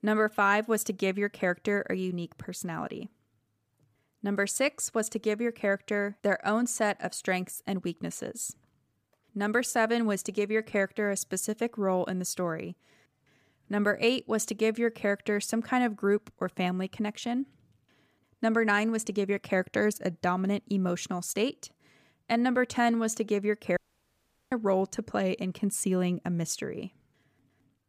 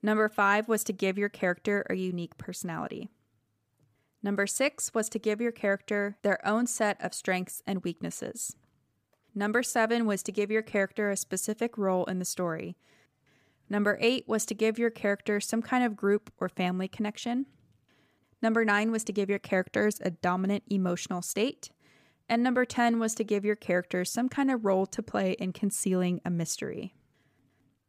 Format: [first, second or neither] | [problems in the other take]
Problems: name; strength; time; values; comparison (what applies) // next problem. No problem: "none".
second | audio cutting out; at 24 s for 1 s